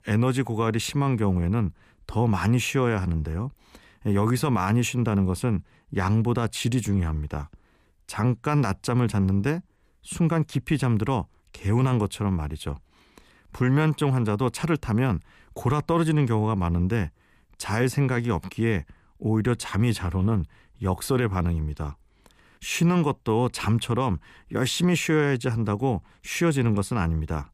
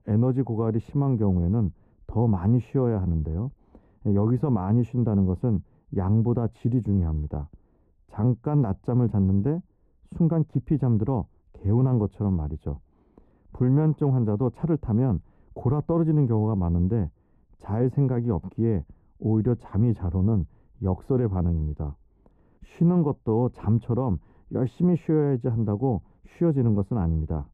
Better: first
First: none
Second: muffled; very; fading above 1.5 kHz

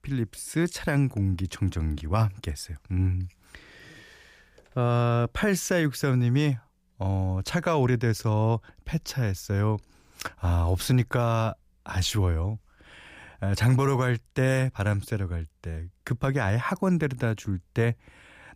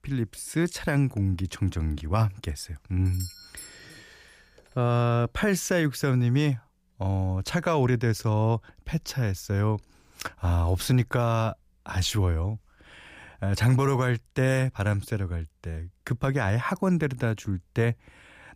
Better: first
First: none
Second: doorbell; faint; at 3 s; peak 15 dB below the speech

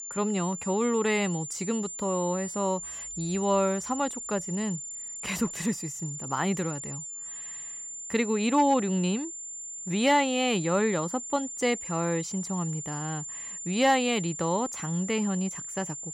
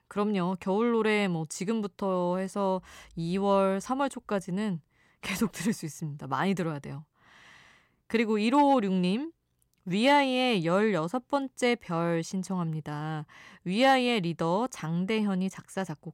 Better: second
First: high-pitched whine; loud; throughout; 7 kHz, 7 dB below the speech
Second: none

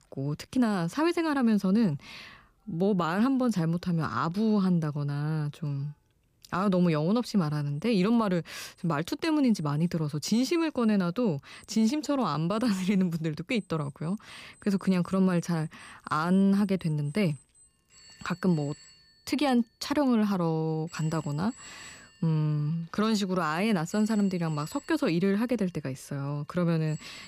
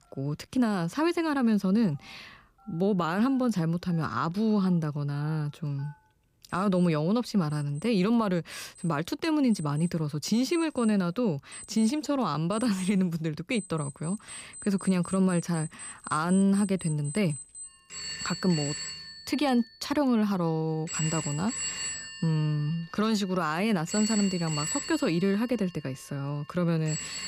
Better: first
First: alarms or sirens; faint; throughout; 25 dB below the speech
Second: alarms or sirens; loud; throughout; 9 dB below the speech

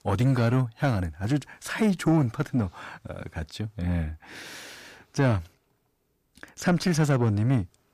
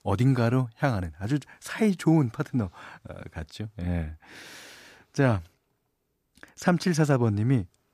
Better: second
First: distortion; slight; 10 dB below the speech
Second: none

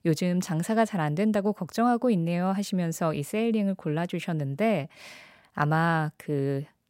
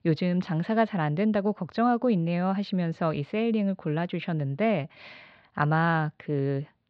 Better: first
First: none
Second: muffled; very slightly; fading above 4 kHz

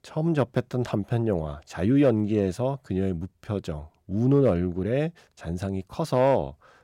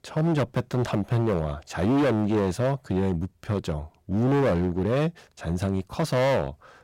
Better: first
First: none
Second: distortion; heavy; 16% of the sound clipped

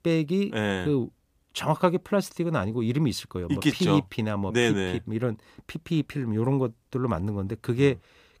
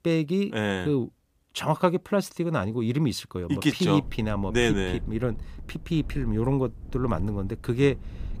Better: first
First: none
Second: low rumble; faint; from 4 s on; 25 dB below the speech

